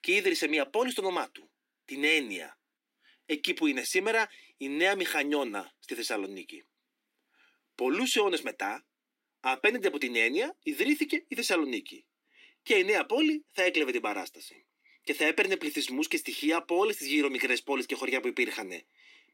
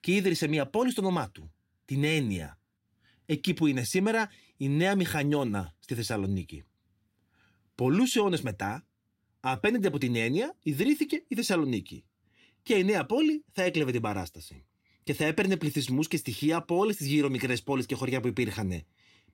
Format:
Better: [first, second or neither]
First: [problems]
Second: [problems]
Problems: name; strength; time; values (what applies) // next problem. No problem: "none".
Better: second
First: thin; somewhat; fading below 300 Hz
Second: none